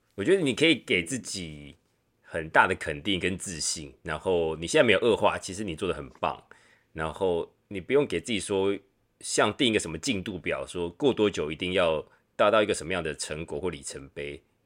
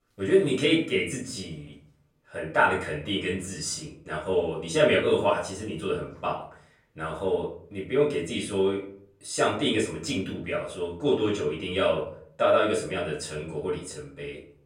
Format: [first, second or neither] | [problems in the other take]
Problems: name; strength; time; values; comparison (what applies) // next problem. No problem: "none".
first | off-mic speech; far // room echo; slight; dies away in 0.5 s